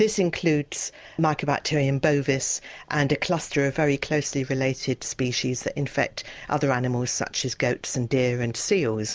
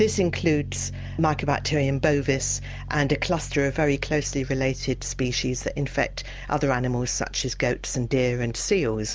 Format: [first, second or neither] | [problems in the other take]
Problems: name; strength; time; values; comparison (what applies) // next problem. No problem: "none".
first | background sound (Piano); 11 dB below the speech